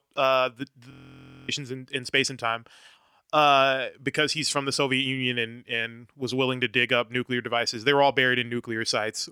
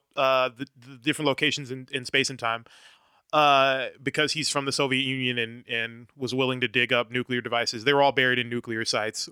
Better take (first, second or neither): second